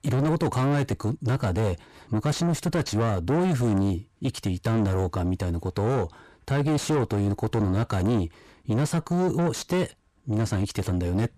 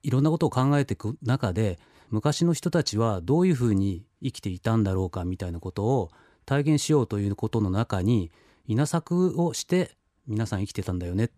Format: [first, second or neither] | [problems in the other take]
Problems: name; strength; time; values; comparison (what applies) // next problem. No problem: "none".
second | distortion; heavy; 7 dB below the speech